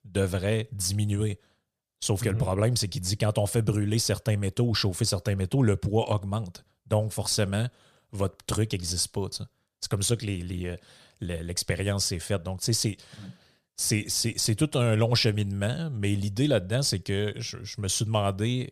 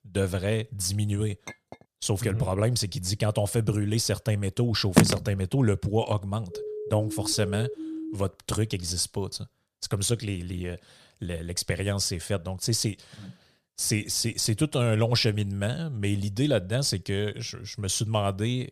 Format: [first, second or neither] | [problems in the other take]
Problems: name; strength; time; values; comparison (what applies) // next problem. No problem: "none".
first | clattering dishes; faint; at 1.5 s; peak 15 dB below the speech // phone ringing; loud; at 5 s; peak 6 dB above the speech // siren; noticeable; from 6.5 to 8 s; peak 8 dB below the speech